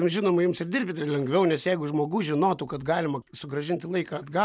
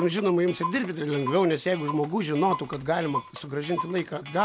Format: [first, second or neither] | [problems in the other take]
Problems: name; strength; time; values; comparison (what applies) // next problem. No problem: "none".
first | background sound (Clock); 10 dB below the speech